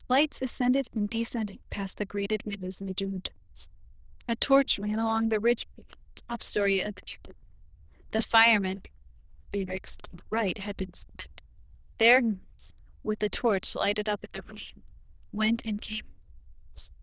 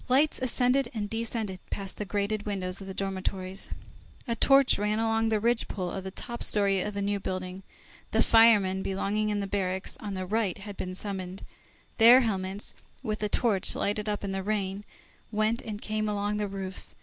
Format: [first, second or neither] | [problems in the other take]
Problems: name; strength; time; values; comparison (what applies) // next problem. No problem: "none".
second | noise reduction (neural diffusion model UNIVERSE++)